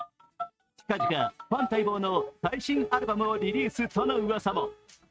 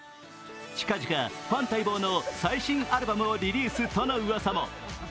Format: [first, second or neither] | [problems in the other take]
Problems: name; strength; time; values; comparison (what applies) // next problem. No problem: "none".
second | noise reduction (neural mask model RNNoise)